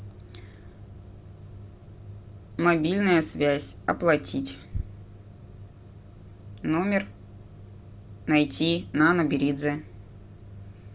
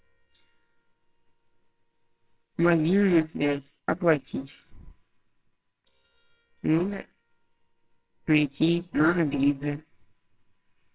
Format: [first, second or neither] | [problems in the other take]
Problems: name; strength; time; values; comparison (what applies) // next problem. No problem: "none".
first | noise reduction (neural separator model SepFormer WHAMR!)